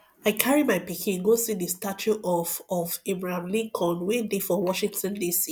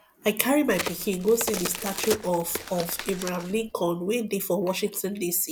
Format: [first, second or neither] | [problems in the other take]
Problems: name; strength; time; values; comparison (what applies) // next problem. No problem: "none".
first | background sound (Crack); 8 dB below the speech